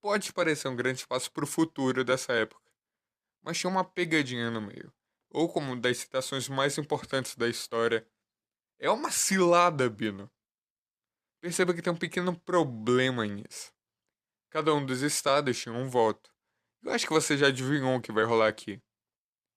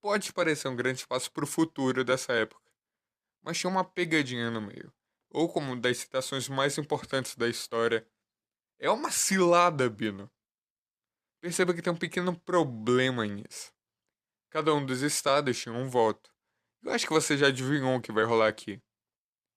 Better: neither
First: none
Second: none

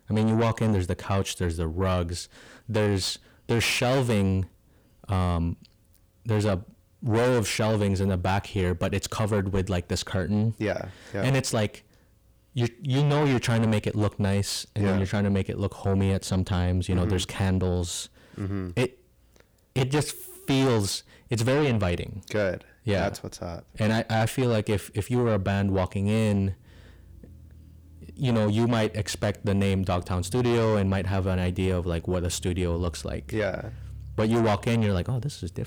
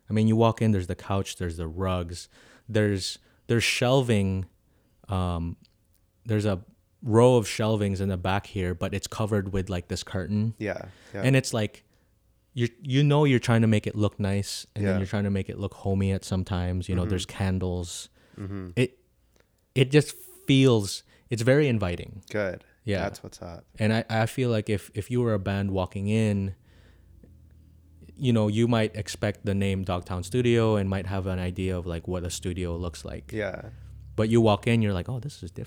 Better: second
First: distortion; heavy; 7 dB below the speech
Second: none

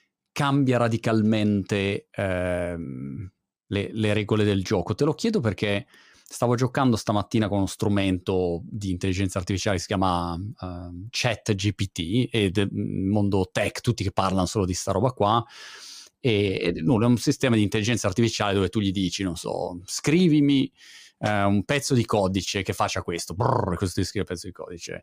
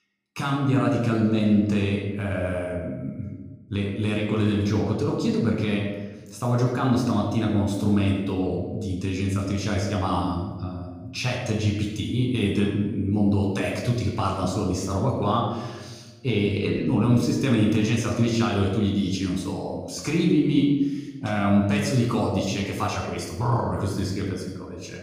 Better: first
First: none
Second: off-mic speech; far // room echo; noticeable; dies away in 1.1 s

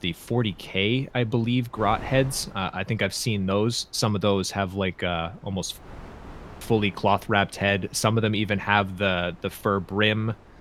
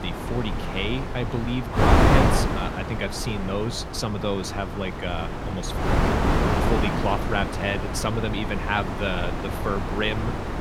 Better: first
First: wind noise on the microphone; occasional gusts; 25 dB below the speech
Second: wind noise on the microphone; heavy; 1 dB above the speech

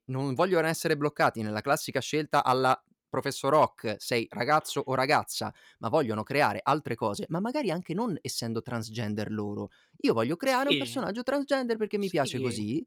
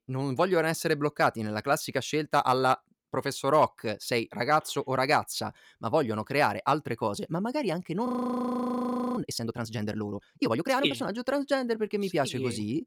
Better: first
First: none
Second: audio freezing; at 8 s for 1 s

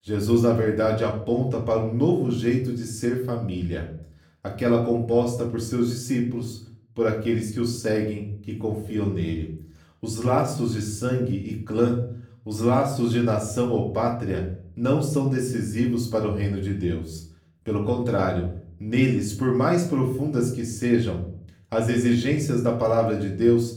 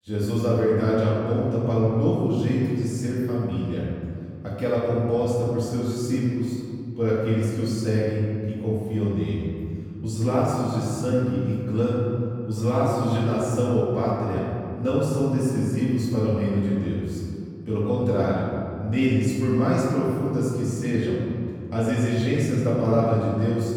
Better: first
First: room echo; slight; dies away in 0.5 s // off-mic speech; somewhat distant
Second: room echo; strong; dies away in 2.3 s // off-mic speech; far

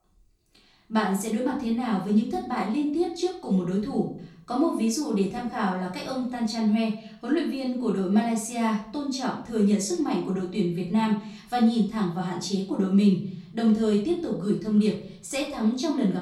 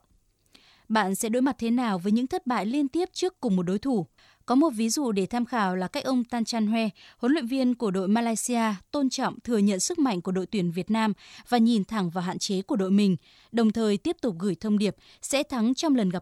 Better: second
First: off-mic speech; far // room echo; slight; dies away in 0.6 s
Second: none

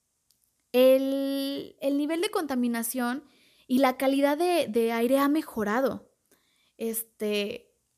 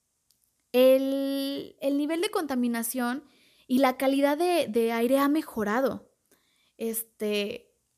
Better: neither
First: none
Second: none

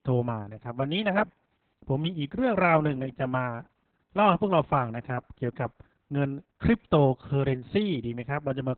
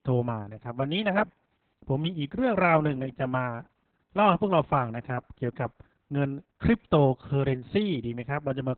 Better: neither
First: garbled, watery; badly; nothing above 3.5 kHz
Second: garbled, watery; badly; nothing above 3.5 kHz

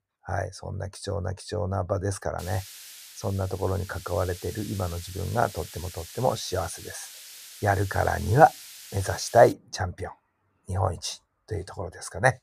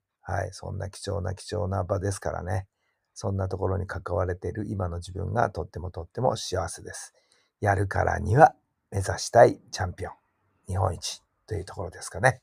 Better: second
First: hiss; noticeable; from 2.5 to 9.5 s; 15 dB below the speech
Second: none

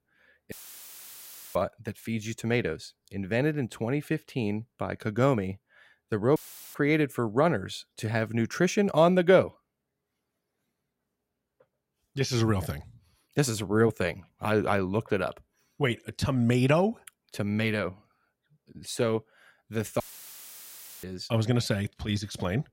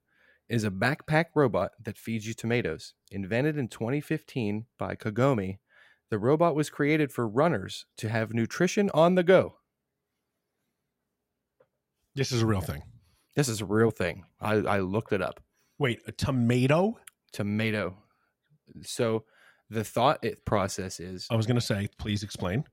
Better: second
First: audio cutting out; filled with static; at 0.5 s for 1 s, at 6.5 s and at 20 s for 1 s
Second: none

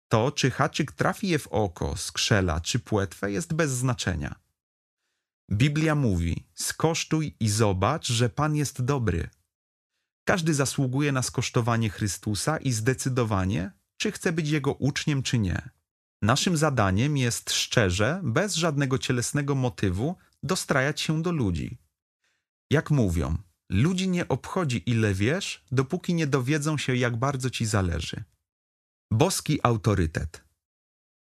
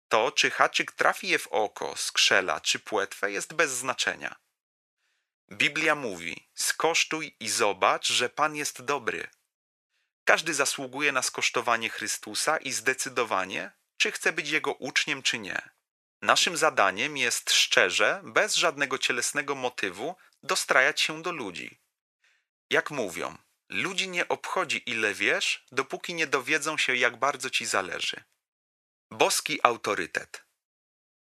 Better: first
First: none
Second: thin; very; fading below 600 Hz

